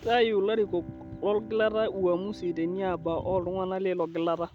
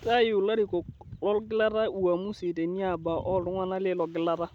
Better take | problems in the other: second | background sound (Bowed string instrument); 18 dB below the speech

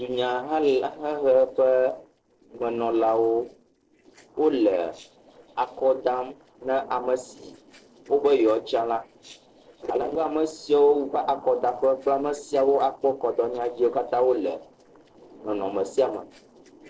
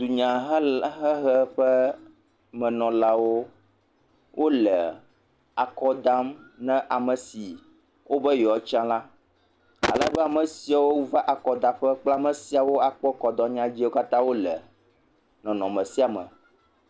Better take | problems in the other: second | noise reduction (neural separator model SepFormer DNS4)

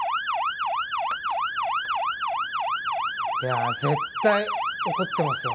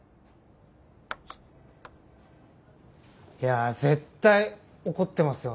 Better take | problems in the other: second | background sound (Motor vehicle (road) / Siren); 4 dB above the speech

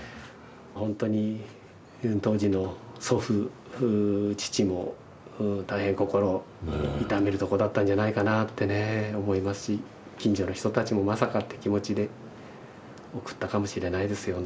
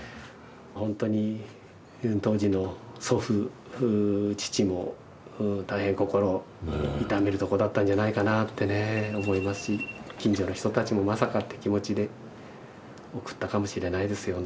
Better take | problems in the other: first | background sound (Subway, metro, underground); 16 dB below the speech

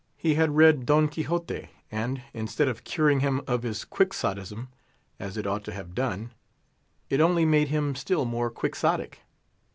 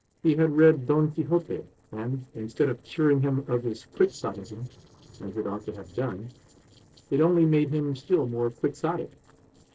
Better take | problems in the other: first | noise reduction (neural separator model SepFormer DNS4)

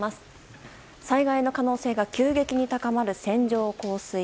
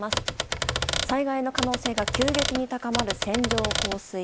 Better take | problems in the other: first | background sound (Typewriter); as loud as the speech

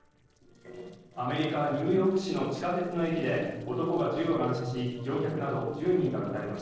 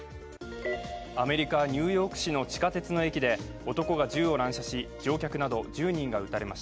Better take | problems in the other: second | noise reduction (neural separator model SepFormer DNS4)

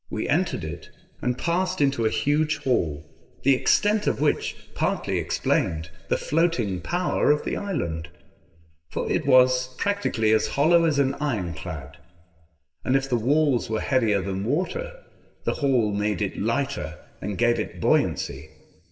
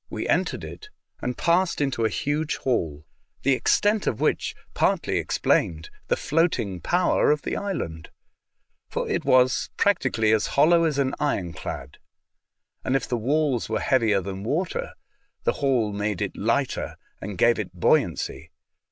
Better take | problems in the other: second | room echo; dies away in 1.9 s

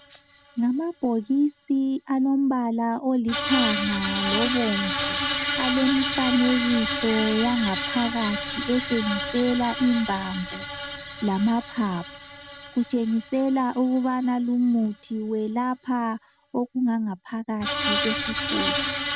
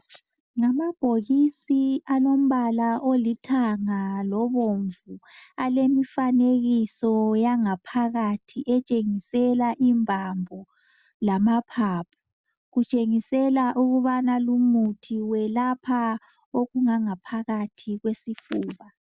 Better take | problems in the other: second | background sound (Screech); 6 dB below the speech

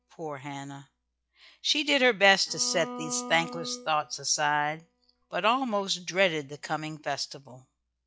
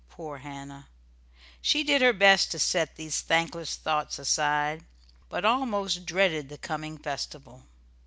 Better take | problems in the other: second | noise reduction (classical method log-MMSE)

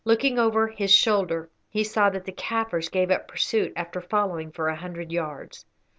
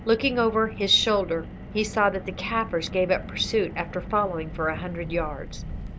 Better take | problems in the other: first | background sound (Car); 11 dB below the speech

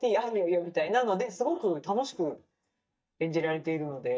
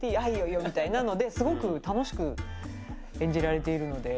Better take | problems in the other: second | noise reduction (neural mask model DeepFilterNet 3)

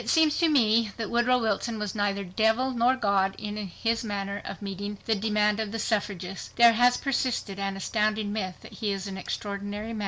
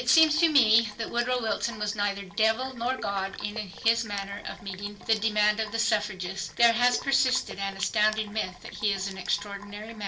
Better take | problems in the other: first | background sound (Sink (filling or washing)); 17 dB below the speech // room echo; dies away in 0.2 s

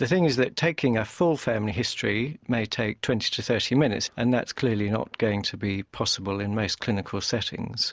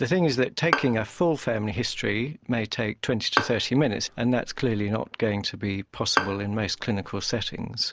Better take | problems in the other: first | background sound (Bowed string instrument); 6 dB below the speech

